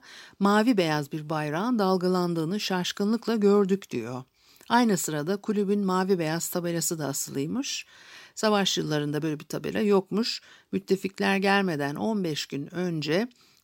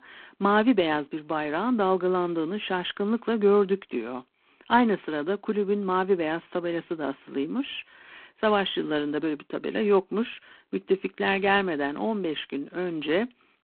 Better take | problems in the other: first | phone-call audio; poor line

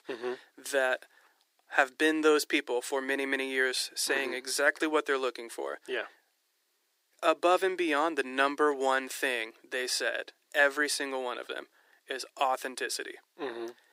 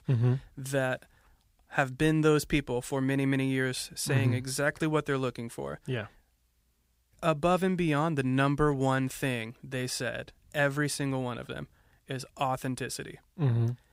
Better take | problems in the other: second | thin; very; fading below 350 Hz

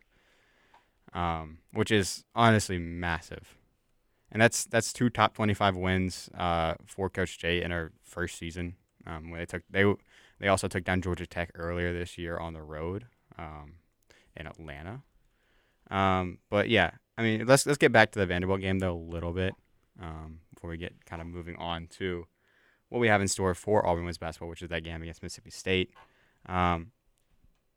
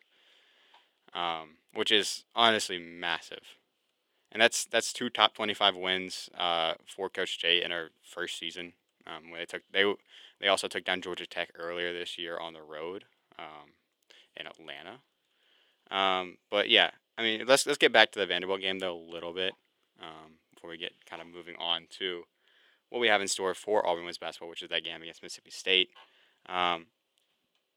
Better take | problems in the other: first | thin; somewhat; fading below 400 Hz

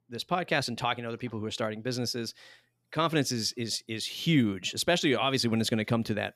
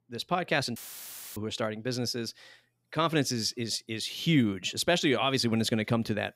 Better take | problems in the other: first | audio cutting out; filled with static; at 1 s for 0.5 s

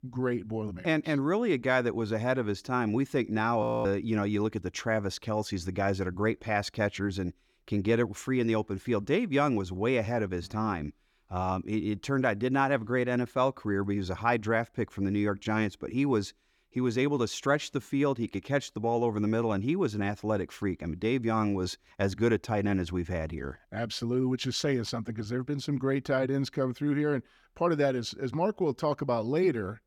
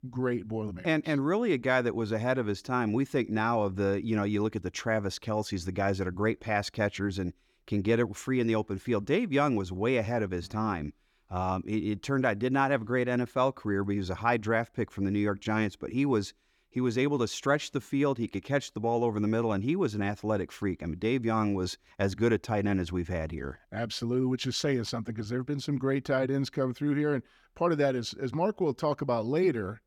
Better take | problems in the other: second | audio freezing; at 3.5 s

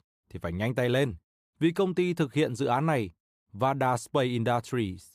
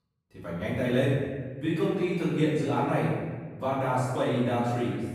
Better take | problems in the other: first | off-mic speech; far // room echo; strong; dies away in 1.4 s

